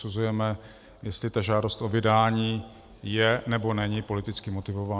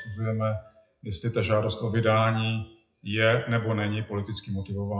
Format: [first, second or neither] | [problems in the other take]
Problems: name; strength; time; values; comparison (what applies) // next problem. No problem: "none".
first | noise reduction (classical method WPE with log-MMSE)